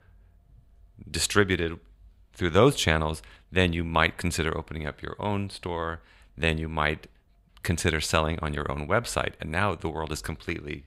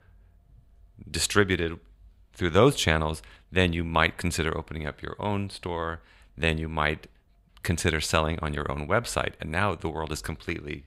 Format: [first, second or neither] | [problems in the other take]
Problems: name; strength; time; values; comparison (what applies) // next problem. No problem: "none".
neither | none